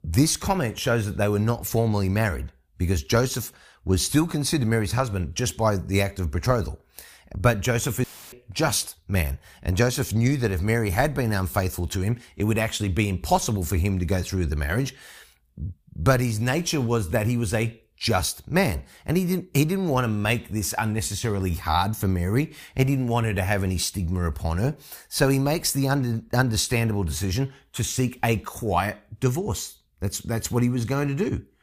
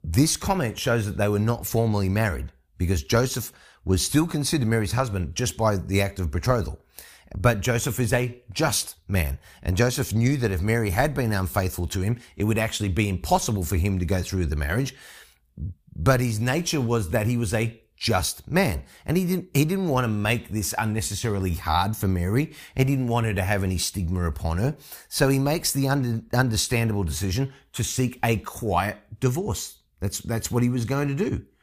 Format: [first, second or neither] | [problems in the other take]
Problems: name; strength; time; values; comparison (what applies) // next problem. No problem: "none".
second | audio cutting out; filled with static; at 8 s